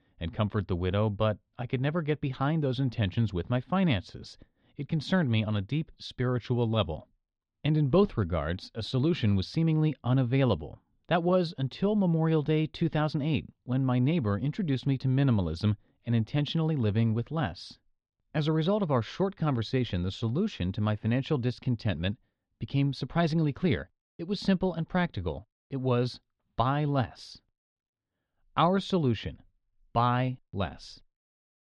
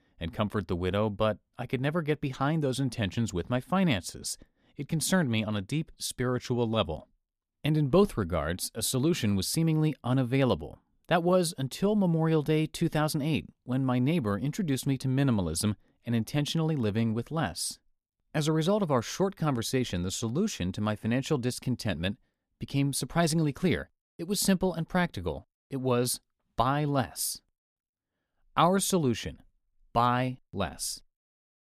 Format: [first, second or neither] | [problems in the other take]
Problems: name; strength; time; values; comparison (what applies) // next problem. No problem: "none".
second | muffled; very slightly; fading above 4 kHz